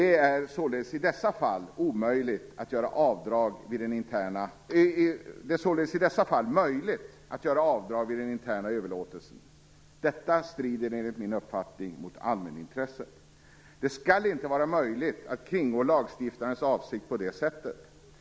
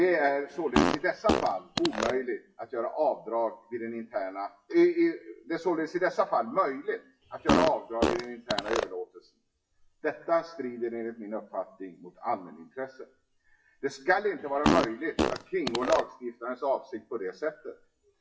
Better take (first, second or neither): first